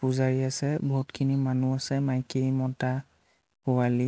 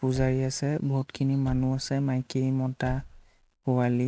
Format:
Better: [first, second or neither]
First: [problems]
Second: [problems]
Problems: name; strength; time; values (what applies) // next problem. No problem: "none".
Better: first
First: none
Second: background sound (Slam / Car); 15 dB below the speech